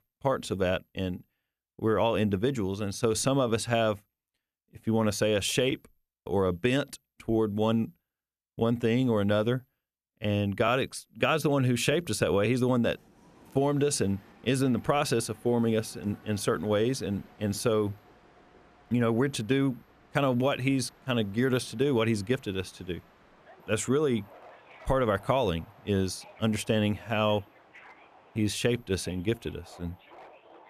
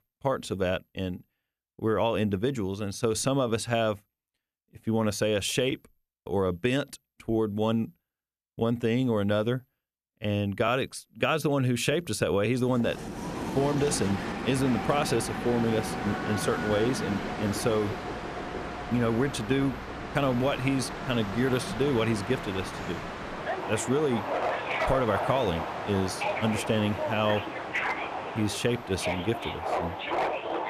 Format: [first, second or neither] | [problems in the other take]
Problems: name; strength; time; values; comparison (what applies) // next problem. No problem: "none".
first | train or aircraft noise; loud; from 13 s on; 5 dB below the speech; faint in the first